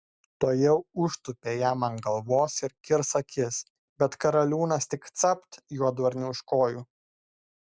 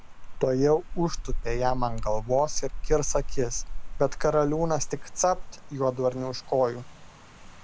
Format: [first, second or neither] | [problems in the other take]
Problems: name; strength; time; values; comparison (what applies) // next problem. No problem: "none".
first | background sound (Rain); 3 dB below the speech